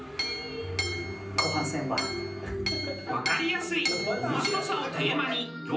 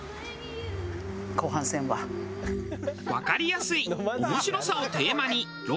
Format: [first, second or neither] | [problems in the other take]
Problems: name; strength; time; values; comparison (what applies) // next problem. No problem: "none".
second | background sound (Chink, clink); 4 dB below the speech // room echo; dies away in 0.6 s